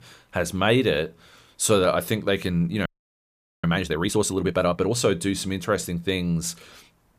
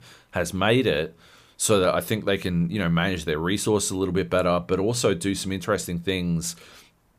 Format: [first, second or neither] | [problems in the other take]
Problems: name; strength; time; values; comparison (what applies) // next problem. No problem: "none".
second | audio freezing; at 3 s for 1 s